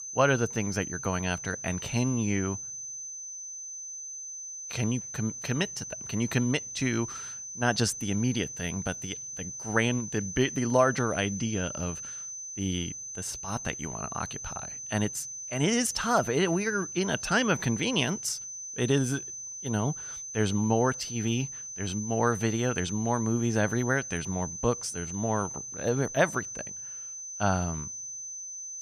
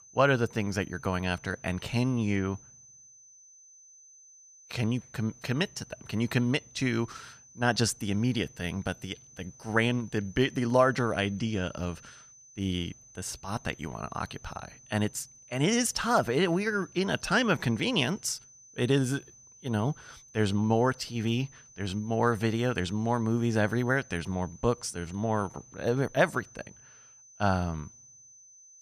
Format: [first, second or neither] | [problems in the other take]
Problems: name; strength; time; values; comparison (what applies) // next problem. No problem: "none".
second | high-pitched whine; loud; throughout; 6 kHz, 7 dB below the speech; faint in the second